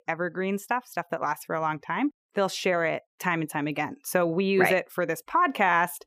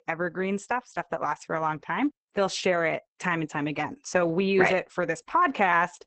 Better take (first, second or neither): first